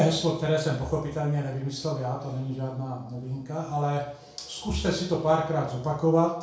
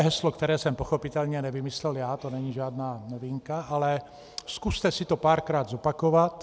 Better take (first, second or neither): second